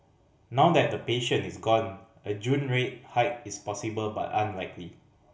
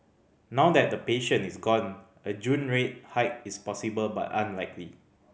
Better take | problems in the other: second | room echo; dies away in 0.3 s

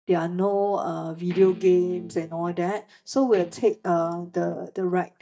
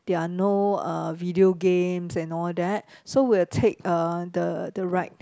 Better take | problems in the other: second | noise reduction (neural mask model DeepFilterNet 3)

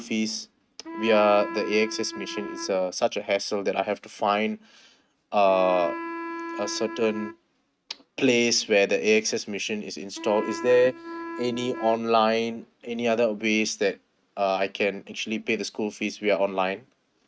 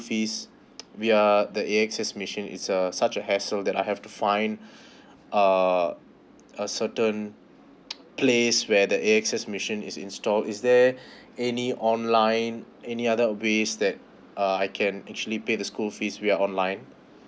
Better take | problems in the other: second | noise reduction (neural mask model RNNoise)

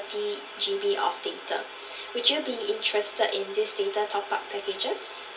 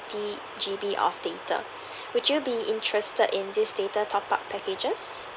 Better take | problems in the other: second | room echo; dies away in 0.3 s

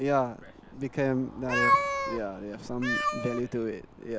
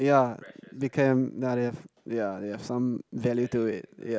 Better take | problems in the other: second | background sound (Meow); as loud as the speech

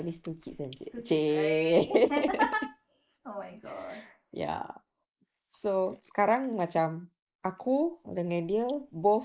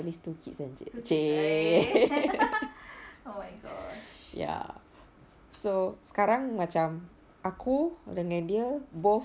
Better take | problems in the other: second | noise reduction (neural mask model Resemble Enhance denoiser)

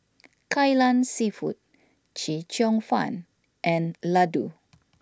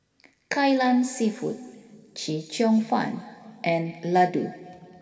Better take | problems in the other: first | room echo; dies away in 2.2 s

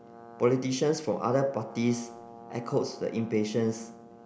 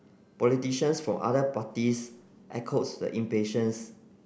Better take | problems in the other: second | background sound (Brass instrument); 19 dB below the speech

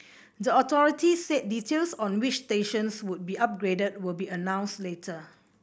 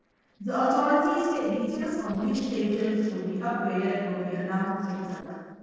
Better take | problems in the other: first | noise reduction (neural separator model SepFormer DNS4)

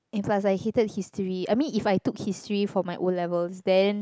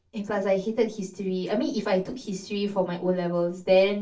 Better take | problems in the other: first | noise reduction (neural separator model SepFormer DNS4)

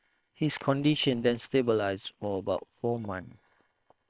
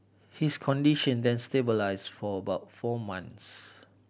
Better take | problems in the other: second | noise reduction (neural separator model SepFormer WHAM!)

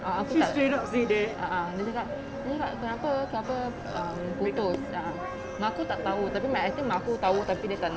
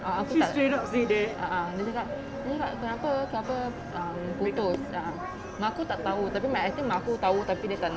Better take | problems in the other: second | background sound (Wind instrument, woodwind instrument + Burping, eructation); 14 dB below the speech

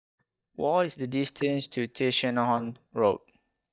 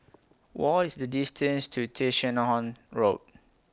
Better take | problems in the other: second | noise reduction (neural mask model DeepFilterNet 3)

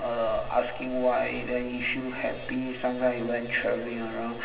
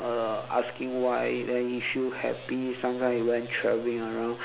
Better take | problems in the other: second | background sound (Frog); 20 dB below the speech // room echo; dies away in 2.5 s

